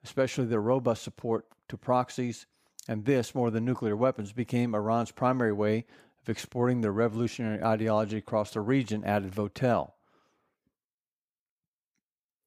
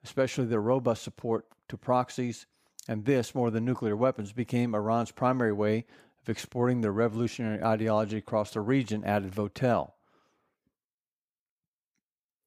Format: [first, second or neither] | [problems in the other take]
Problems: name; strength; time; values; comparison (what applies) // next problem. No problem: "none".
neither | none